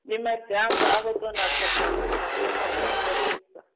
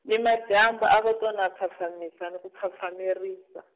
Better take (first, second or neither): second